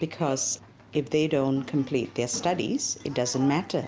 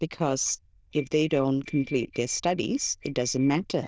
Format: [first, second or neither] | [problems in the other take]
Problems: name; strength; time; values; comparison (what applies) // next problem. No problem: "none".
first | noise reduction (neural diffusion model UNIVERSE++)